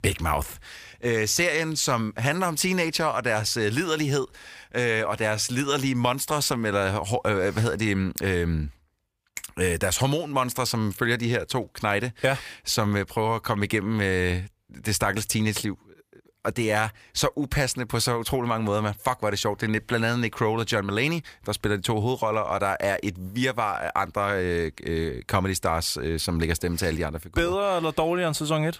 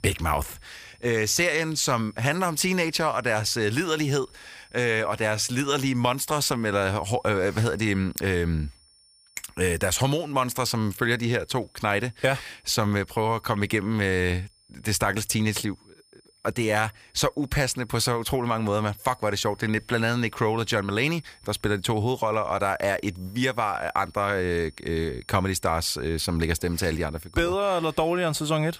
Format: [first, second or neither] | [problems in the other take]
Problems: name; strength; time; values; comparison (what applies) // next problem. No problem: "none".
first | high-pitched whine; faint; throughout; 5 kHz, 30 dB below the speech